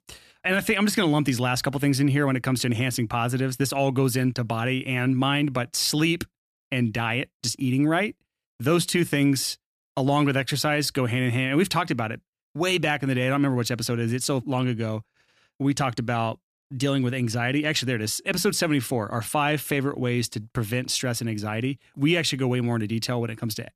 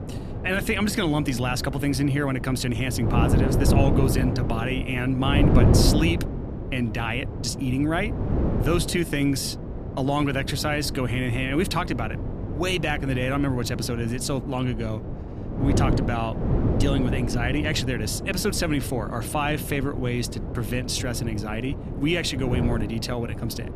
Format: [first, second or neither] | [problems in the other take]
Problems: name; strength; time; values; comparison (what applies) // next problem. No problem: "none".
first | wind noise on the microphone; heavy; 6 dB below the speech